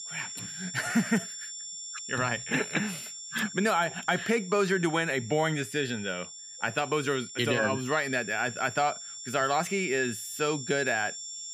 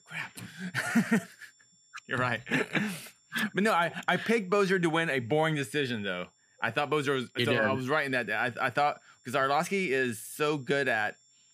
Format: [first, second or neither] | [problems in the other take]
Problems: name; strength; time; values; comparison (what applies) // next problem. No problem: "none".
second | high-pitched whine; loud; throughout; 7.5 kHz, 10 dB below the speech; faint in the second